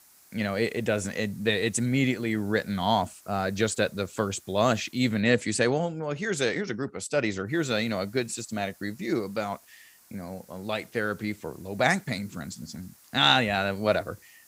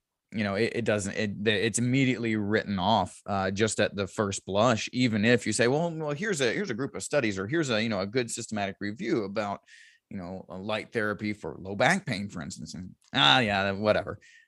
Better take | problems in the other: second | hiss; faint; until 5 s and from 7.5 s on; 25 dB below the speech

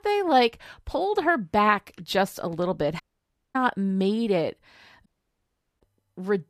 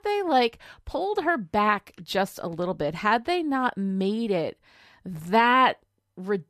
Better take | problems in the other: second | audio cutting out; at 3 s for 0.5 s and at 5 s for 1 s

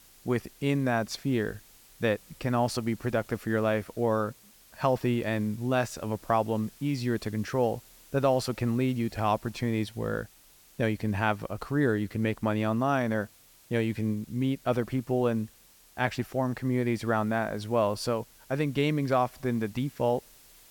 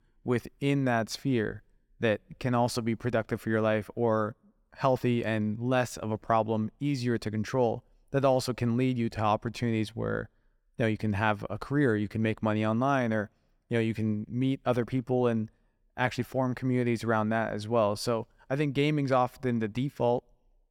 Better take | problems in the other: second | hiss; faint; throughout; 25 dB below the speech

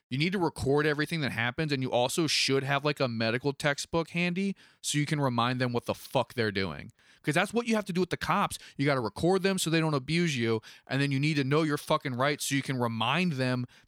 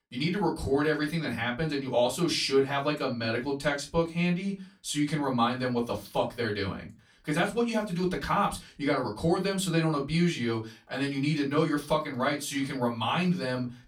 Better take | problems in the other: first | off-mic speech; far // room echo; very slight; dies away in 0.2 s

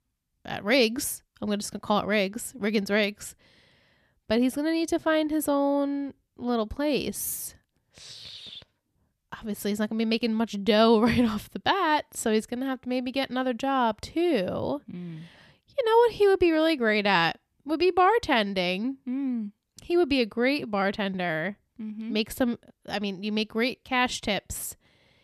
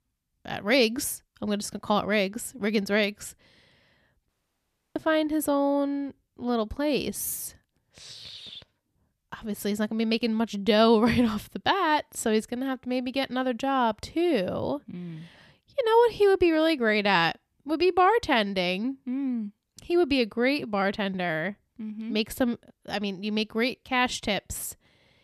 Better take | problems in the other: first | audio cutting out; at 4.5 s for 0.5 s

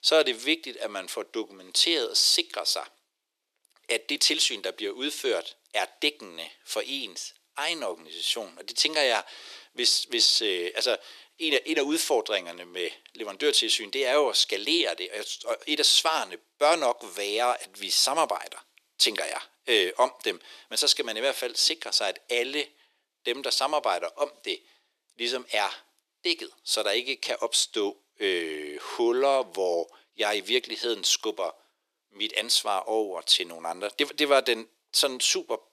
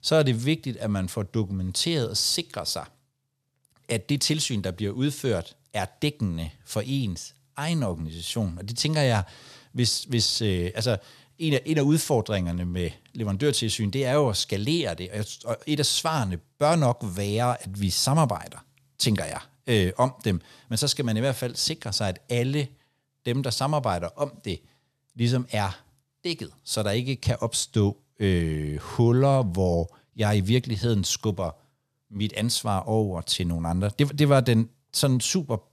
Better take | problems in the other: second | thin; very; fading below 350 Hz

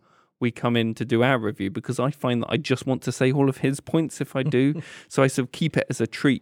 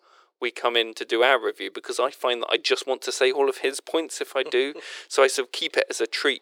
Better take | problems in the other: first | thin; very; fading below 400 Hz

